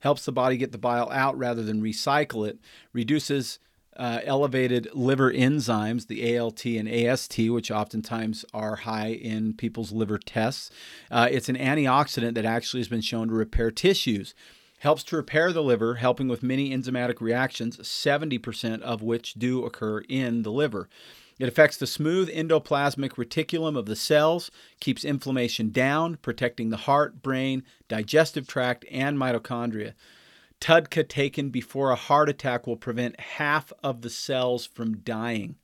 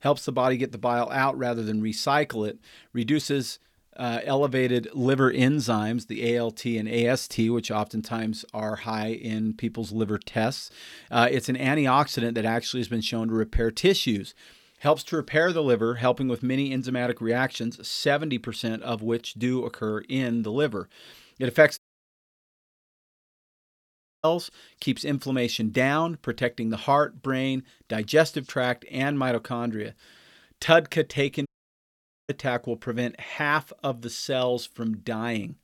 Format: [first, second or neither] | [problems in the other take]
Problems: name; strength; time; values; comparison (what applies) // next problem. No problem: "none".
first | audio cutting out; at 22 s for 2.5 s and at 31 s for 1 s